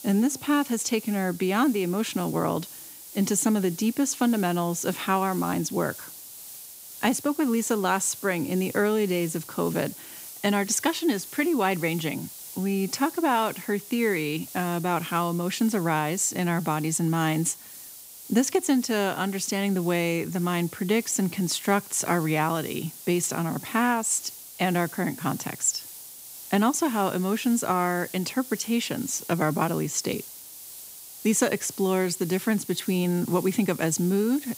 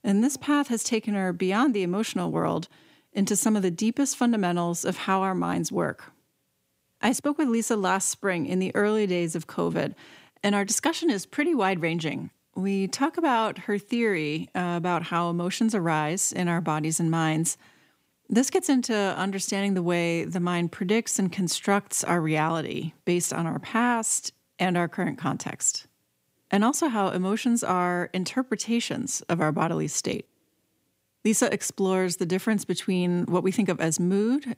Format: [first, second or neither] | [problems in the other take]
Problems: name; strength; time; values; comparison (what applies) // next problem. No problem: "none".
second | hiss; noticeable; throughout; 15 dB below the speech